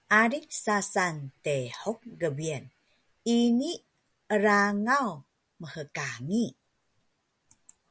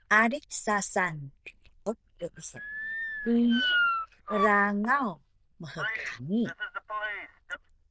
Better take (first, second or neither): first